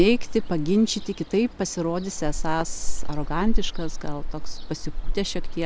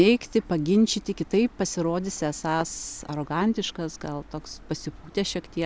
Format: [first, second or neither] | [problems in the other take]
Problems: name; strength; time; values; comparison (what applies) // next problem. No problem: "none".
second | background sound (Ocean); 2 dB above the speech